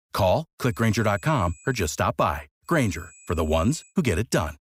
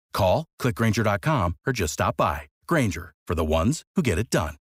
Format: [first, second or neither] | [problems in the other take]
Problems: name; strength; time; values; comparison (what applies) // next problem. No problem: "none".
second | high-pitched whine; faint; from 1 to 2 s and from 2.5 to 4 s; 8 kHz, 25 dB below the speech